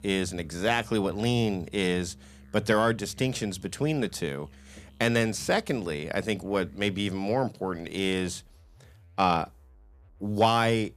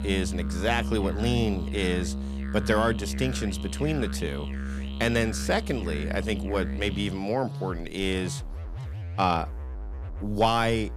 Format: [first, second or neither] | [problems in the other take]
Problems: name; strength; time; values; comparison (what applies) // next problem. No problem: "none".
first | background music; loud; throughout; 6 dB below the speech; faint in the first